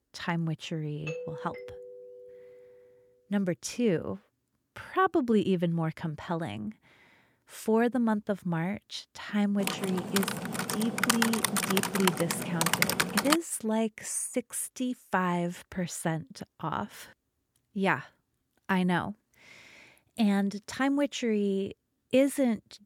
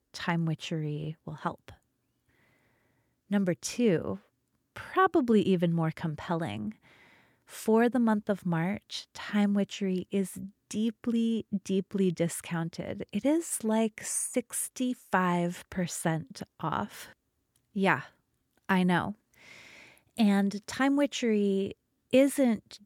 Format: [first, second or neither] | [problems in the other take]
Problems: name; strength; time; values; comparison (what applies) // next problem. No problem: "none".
second | doorbell; noticeable; from 1 to 2.5 s; peak 8 dB below the speech // keyboard typing; loud; from 9.5 to 13 s; peak 5 dB above the speech